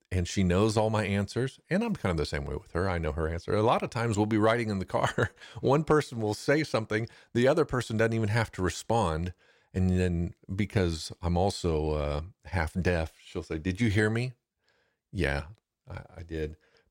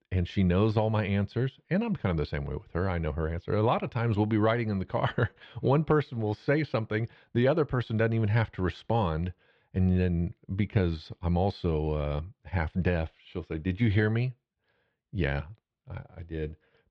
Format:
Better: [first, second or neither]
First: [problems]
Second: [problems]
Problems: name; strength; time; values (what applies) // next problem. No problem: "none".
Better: first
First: none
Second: muffled; slightly; fading above 3.5 kHz